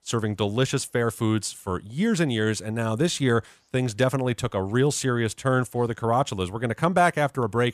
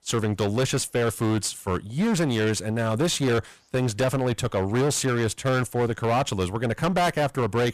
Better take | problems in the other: first | distortion; heavy; 21% of the sound clipped

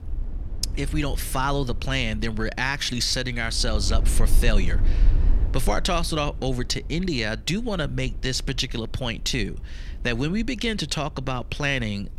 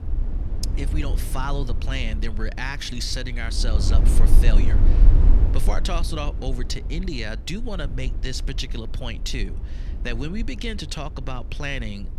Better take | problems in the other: first | low rumble; loud; throughout; 10 dB below the speech; faint in the first

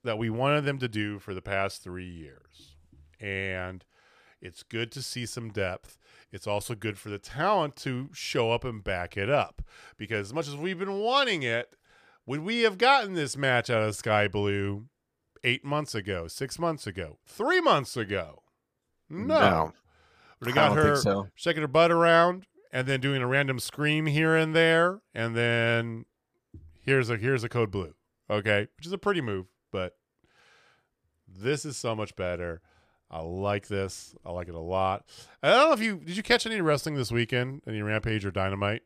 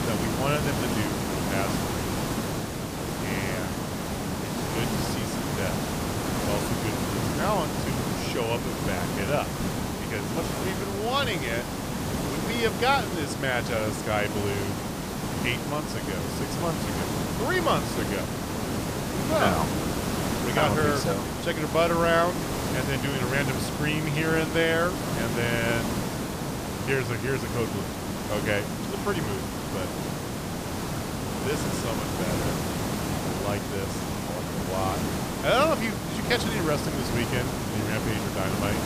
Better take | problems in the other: first | hiss; loud; throughout; as loud as the speech

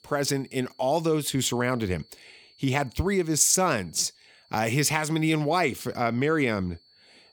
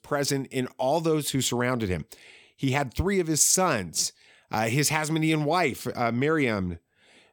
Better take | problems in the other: second | high-pitched whine; faint; throughout; 4.5 kHz, 30 dB below the speech

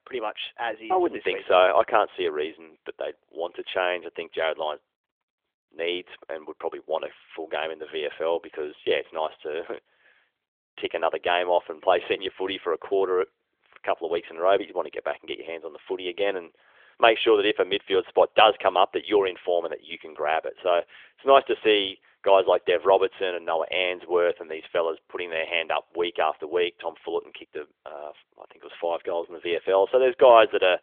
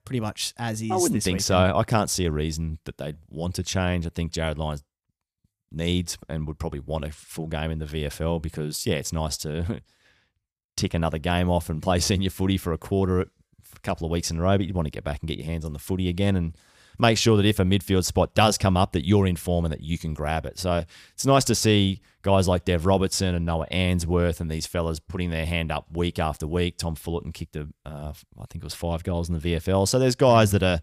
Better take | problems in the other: second | phone-call audio; nothing above 3.5 kHz

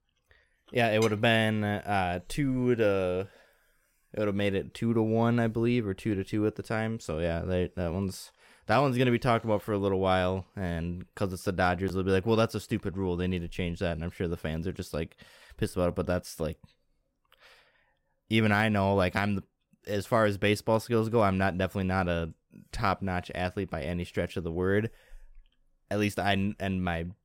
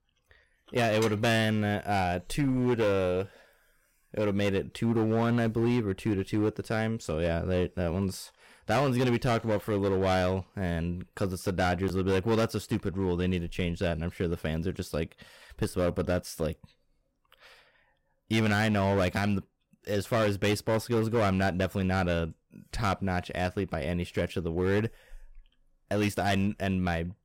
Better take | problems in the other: first | distortion; slight; 8% of the sound clipped

